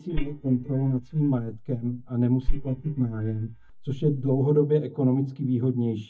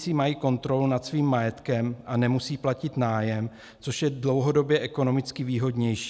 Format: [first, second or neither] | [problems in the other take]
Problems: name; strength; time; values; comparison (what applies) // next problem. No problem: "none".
second | noise reduction (neural mask model DeepFilterNet 3)